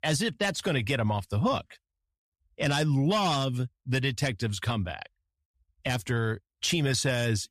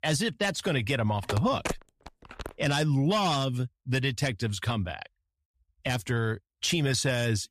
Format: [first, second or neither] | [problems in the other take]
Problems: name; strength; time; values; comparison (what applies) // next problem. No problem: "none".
first | phone ringing; noticeable; from 1 to 2.5 s; peak 6 dB below the speech